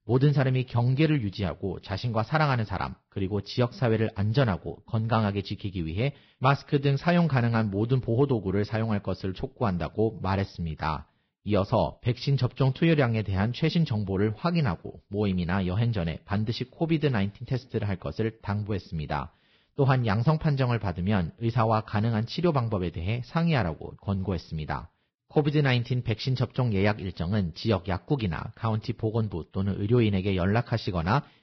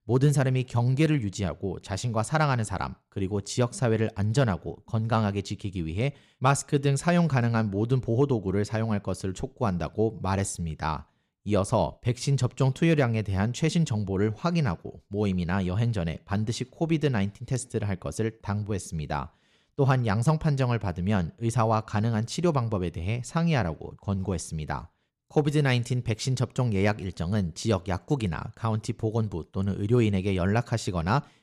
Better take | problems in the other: second | garbled, watery; badly; nothing above 5.5 kHz

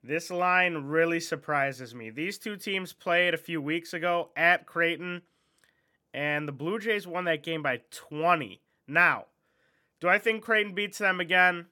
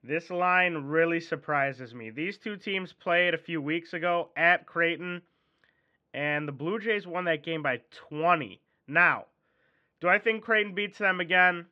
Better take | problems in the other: first | muffled; slightly; fading above 3.5 kHz

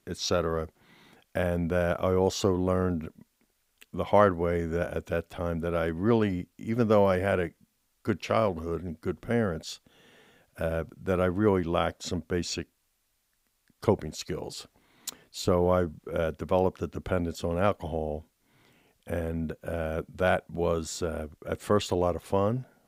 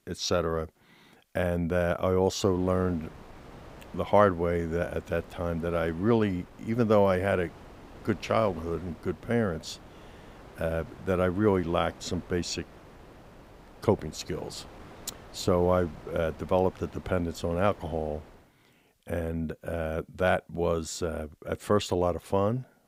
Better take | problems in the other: first | wind noise on the microphone; occasional gusts; from 2.5 to 18 s; 20 dB below the speech

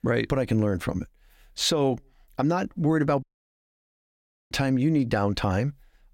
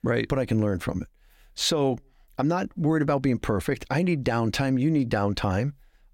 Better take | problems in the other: second | audio cutting out; at 3 s for 1.5 s

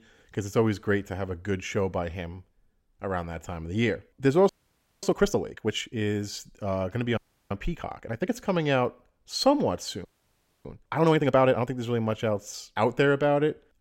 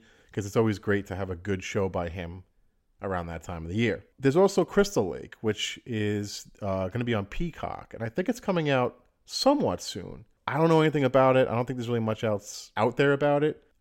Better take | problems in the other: second | audio freezing; at 4.5 s for 0.5 s, at 7 s and at 10 s for 0.5 s

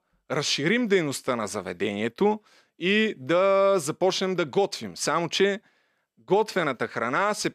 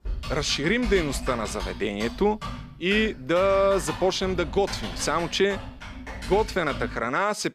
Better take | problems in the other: first | keyboard typing; noticeable; until 7 s; peak 7 dB below the speech

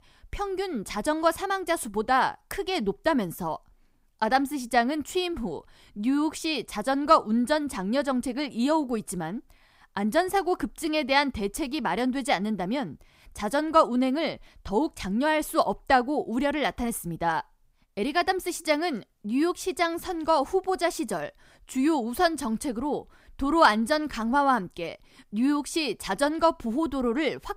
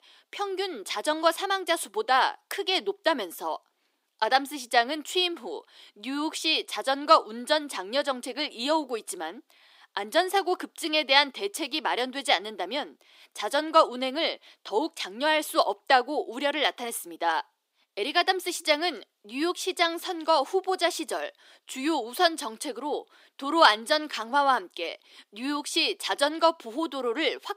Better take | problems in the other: first | thin; somewhat; fading below 350 Hz

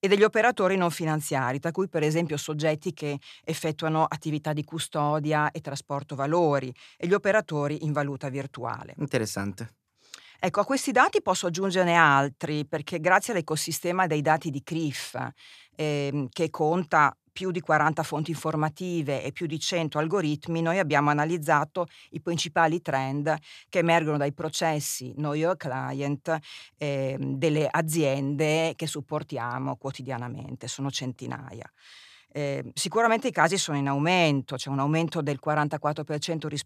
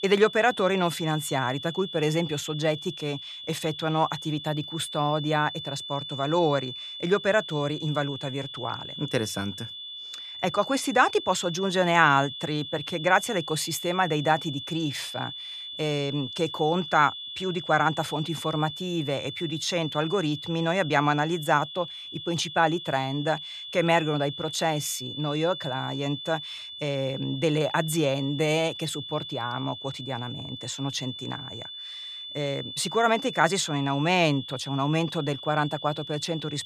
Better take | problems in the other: first | high-pitched whine; loud; throughout; 3.5 kHz, 9 dB below the speech

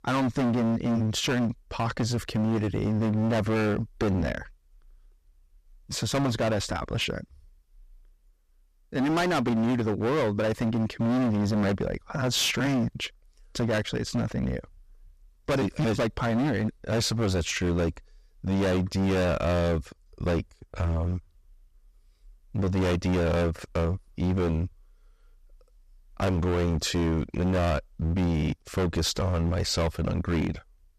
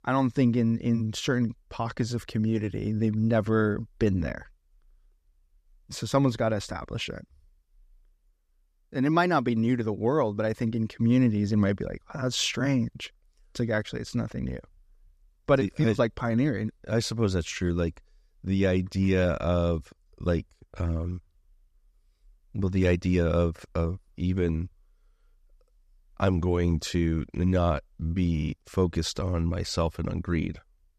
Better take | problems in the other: second | distortion; heavy; 22% of the sound clipped

